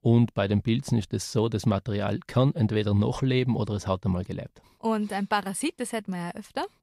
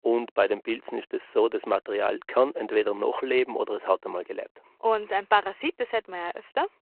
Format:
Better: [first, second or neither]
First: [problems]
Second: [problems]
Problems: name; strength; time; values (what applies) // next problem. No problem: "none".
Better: first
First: none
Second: phone-call audio